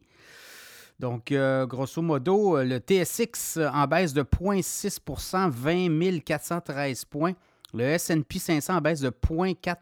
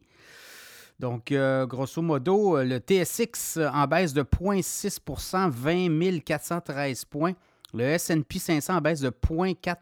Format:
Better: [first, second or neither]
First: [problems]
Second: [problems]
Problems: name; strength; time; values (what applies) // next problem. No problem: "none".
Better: neither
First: none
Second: none